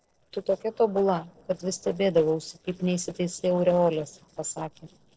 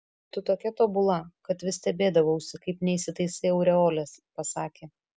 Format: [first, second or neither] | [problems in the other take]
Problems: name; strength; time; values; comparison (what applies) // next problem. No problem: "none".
second | noise reduction (neural separator model SepFormer DNS4)